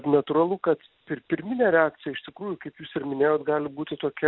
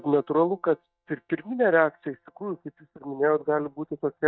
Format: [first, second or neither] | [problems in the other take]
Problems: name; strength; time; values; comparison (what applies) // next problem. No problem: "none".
first | noise reduction (neural mask model DeepFilterNet 3)